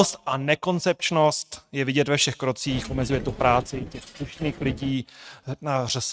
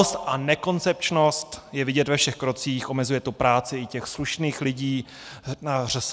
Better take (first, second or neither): second